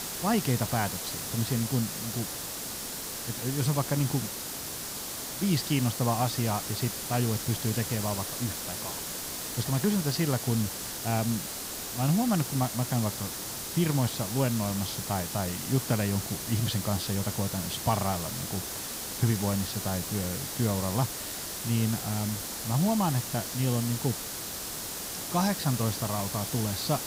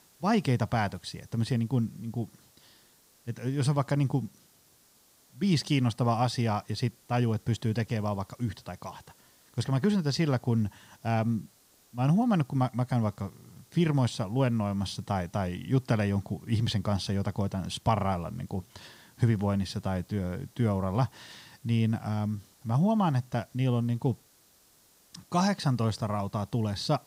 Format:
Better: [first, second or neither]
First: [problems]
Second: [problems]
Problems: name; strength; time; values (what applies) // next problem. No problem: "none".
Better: second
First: hiss; loud; throughout; 3 dB below the speech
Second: hiss; faint; throughout; 30 dB below the speech